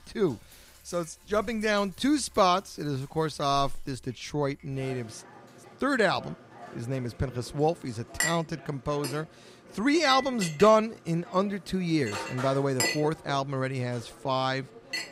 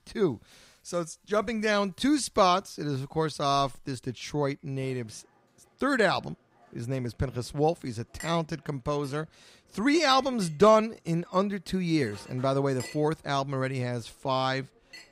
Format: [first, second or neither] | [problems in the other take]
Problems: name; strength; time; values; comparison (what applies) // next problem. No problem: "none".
second | household noises; loud; throughout; 8 dB below the speech; faint in the second